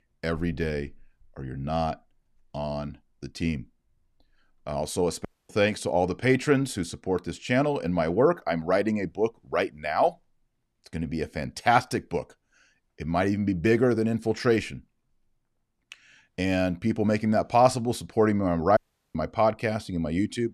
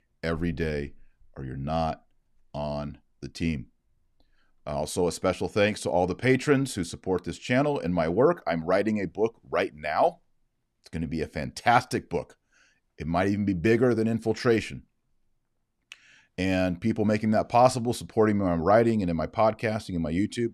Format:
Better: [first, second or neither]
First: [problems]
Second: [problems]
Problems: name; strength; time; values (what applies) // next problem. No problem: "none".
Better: second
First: audio cutting out; at 5.5 s and at 19 s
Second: none